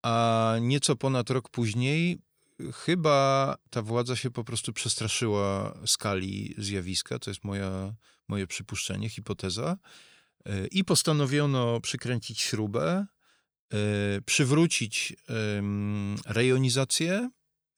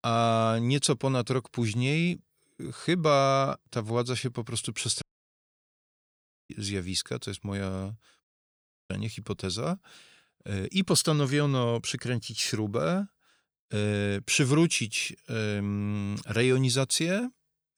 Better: first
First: none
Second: audio cutting out; at 5 s for 1.5 s and at 8 s for 0.5 s

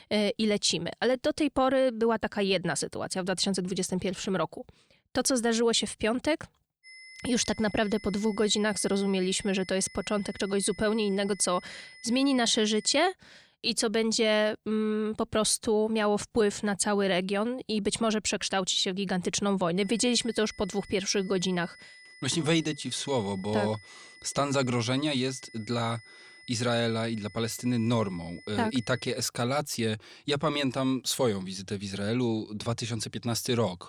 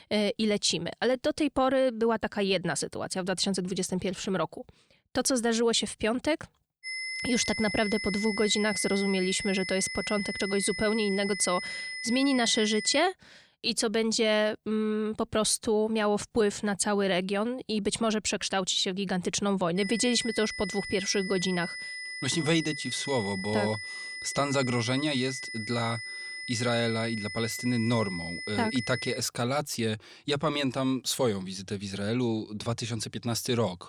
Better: first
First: high-pitched whine; faint; from 7 to 13 s and from 20 to 29 s; 2 kHz, 20 dB below the speech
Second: high-pitched whine; loud; from 7 to 13 s and from 20 to 29 s; 2 kHz, 7 dB below the speech

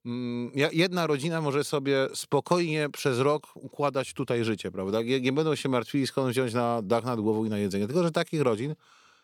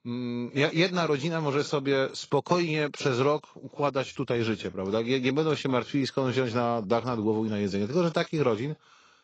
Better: first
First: none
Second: garbled, watery; badly; nothing above 7.5 kHz

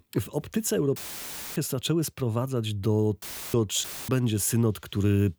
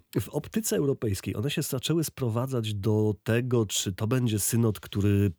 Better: second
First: audio cutting out; filled with static; at 1 s for 0.5 s, at 3 s and at 4 s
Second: none

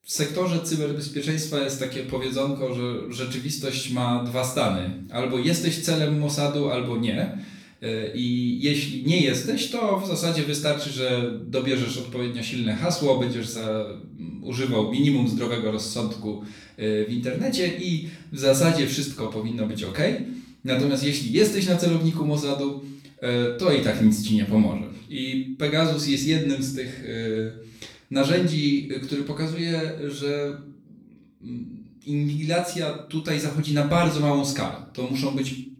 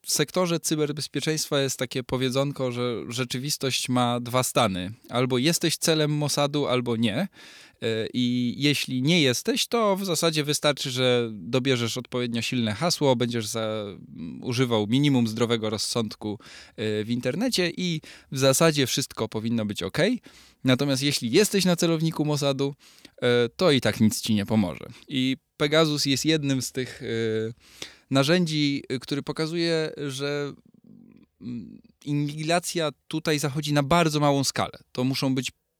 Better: second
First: off-mic speech; far // room echo; slight; dies away in 0.5 s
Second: none

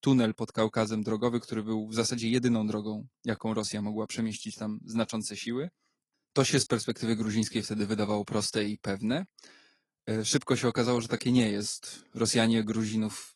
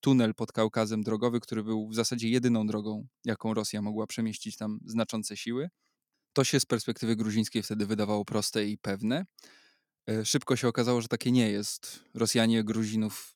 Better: second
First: garbled, watery; slightly; nothing above 11 kHz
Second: none

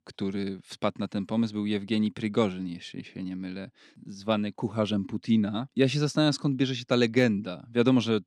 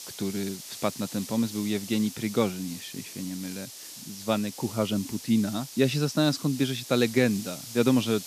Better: first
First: none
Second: hiss; noticeable; throughout; 10 dB below the speech

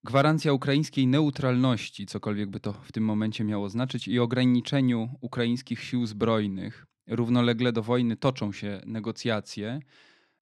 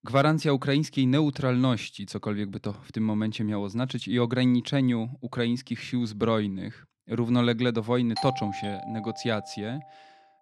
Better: first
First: none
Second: doorbell; noticeable; from 8 to 9.5 s; peak 5 dB below the speech

